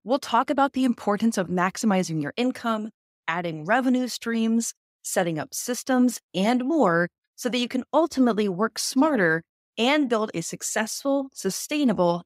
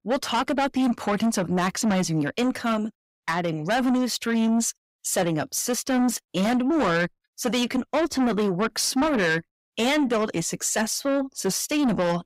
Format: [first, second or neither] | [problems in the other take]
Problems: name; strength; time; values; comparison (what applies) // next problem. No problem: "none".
first | distortion; heavy; 7 dB below the speech